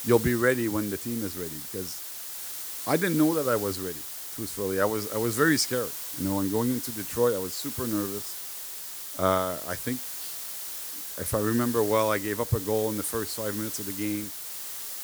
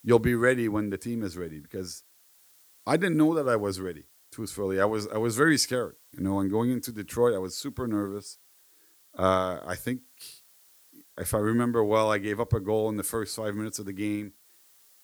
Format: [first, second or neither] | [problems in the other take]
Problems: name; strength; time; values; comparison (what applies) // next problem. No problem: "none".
second | hiss; loud; throughout; 5 dB below the speech; faint in the second